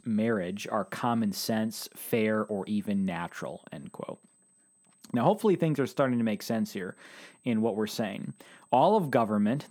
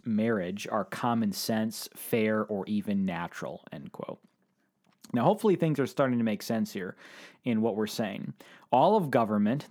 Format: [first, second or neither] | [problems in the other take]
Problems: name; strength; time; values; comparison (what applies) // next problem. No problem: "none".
second | high-pitched whine; faint; throughout; 8 kHz, 35 dB below the speech